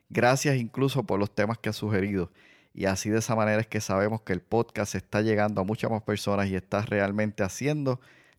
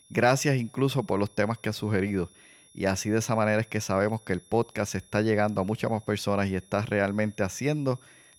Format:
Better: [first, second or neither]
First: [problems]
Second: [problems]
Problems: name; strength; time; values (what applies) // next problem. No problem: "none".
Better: first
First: none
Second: high-pitched whine; faint; throughout; 11 kHz, 30 dB below the speech